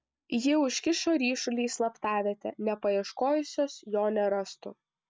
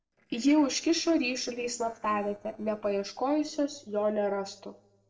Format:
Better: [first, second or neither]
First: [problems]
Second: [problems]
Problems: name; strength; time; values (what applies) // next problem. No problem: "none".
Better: first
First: none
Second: noise reduction (neural separator model SepFormer DNS4)